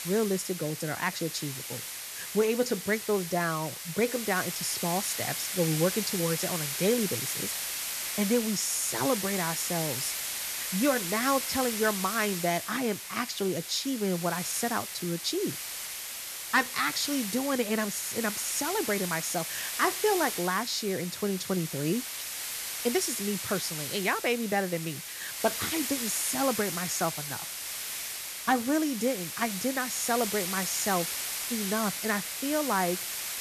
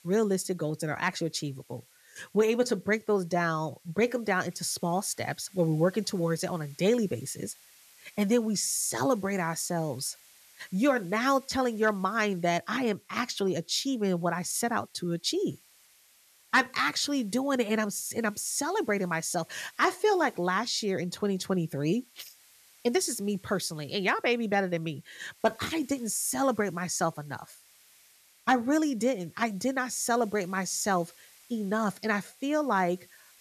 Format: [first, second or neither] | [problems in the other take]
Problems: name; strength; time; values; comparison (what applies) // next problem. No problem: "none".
second | hiss; loud; throughout; 3 dB below the speech; faint in the second